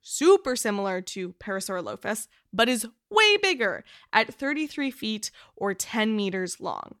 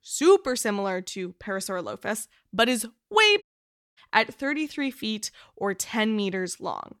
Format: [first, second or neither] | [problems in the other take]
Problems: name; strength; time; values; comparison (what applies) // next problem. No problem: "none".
first | audio cutting out; at 3.5 s for 0.5 s